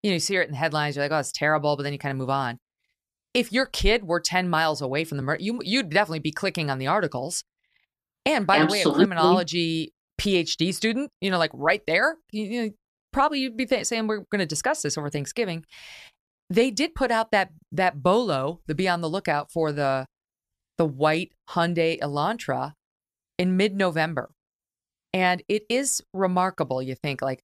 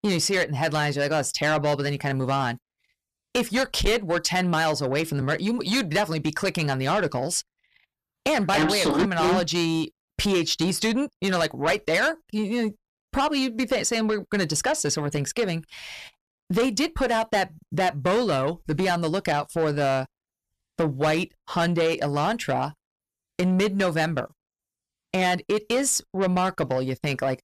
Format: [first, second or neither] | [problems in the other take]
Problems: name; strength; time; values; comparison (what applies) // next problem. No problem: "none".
first | distortion; heavy; 8 dB below the speech